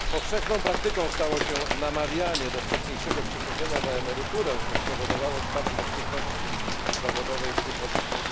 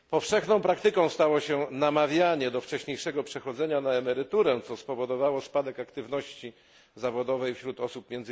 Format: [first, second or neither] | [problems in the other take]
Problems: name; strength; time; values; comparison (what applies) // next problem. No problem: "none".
second | background sound (Rain); 3 dB above the speech